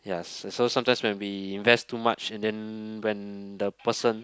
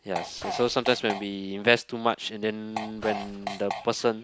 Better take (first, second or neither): first